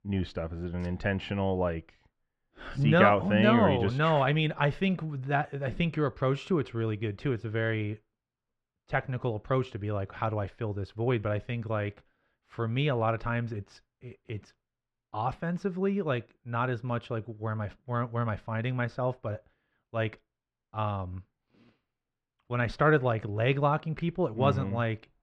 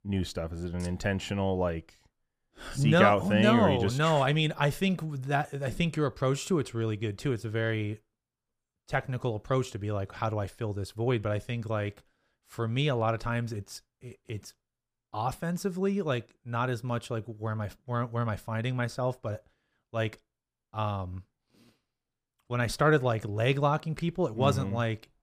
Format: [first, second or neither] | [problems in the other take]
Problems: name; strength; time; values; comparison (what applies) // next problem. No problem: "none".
second | muffled; slightly; fading above 2.5 kHz